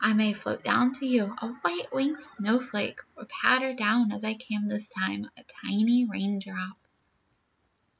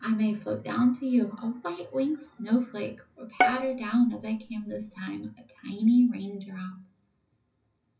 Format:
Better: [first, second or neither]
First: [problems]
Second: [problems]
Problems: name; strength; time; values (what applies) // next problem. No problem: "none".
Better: first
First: none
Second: background sound (Bowed string instrument); 2 dB below the speech // room echo; dies away in 0.4 s